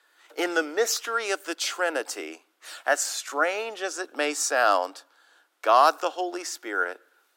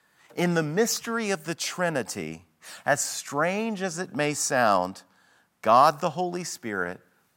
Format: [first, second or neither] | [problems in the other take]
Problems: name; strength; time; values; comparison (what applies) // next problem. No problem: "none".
second | thin; somewhat; fading below 300 Hz